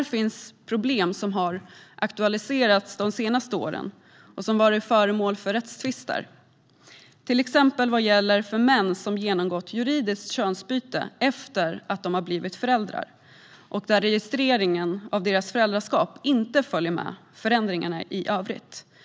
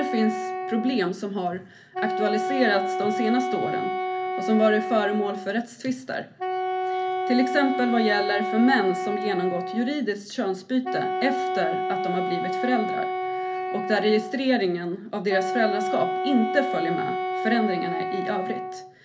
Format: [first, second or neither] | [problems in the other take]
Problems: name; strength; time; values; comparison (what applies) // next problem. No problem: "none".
first | background sound (Wind instrument, woodwind instrument); 3 dB below the speech // room echo; dies away in 0.3 s